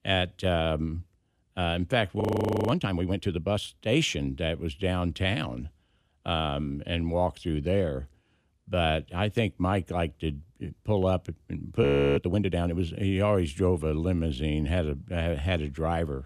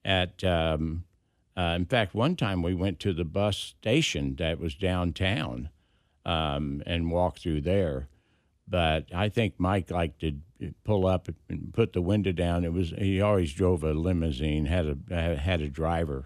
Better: second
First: audio freezing; at 2 s and at 12 s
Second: none

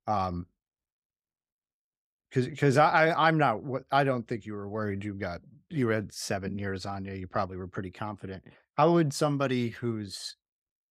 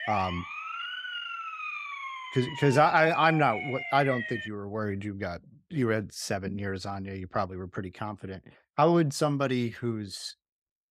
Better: first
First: none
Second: siren; noticeable; until 4.5 s; peak 5 dB below the speech

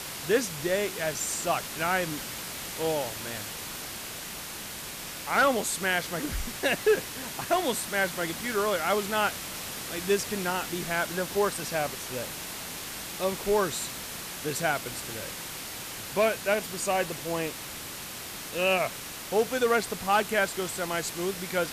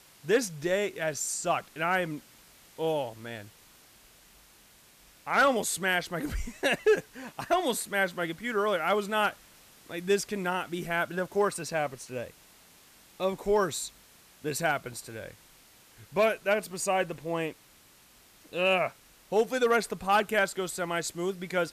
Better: second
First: hiss; loud; throughout; 7 dB below the speech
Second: hiss; faint; throughout; 25 dB below the speech

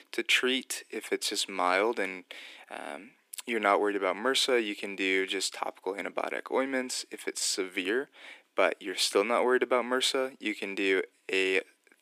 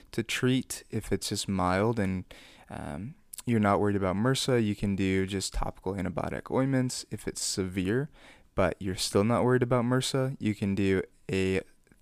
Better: second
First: thin; somewhat; fading below 300 Hz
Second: none

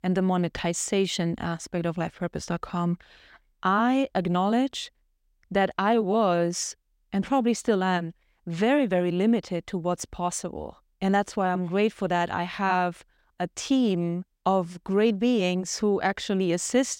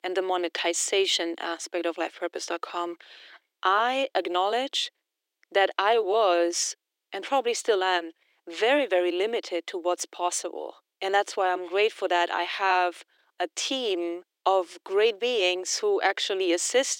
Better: first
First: none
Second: thin; very; fading below 300 Hz

